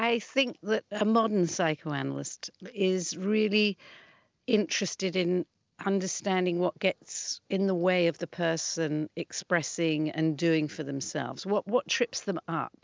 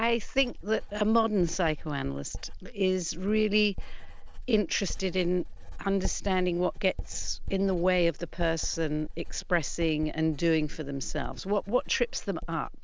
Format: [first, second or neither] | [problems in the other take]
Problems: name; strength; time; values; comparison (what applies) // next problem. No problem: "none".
first | background sound (Writing); 6 dB below the speech